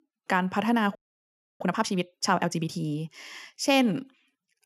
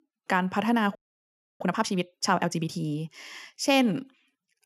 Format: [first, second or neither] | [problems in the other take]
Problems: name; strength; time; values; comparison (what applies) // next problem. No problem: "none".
neither | audio freezing; at 1 s for 0.5 s; the same in both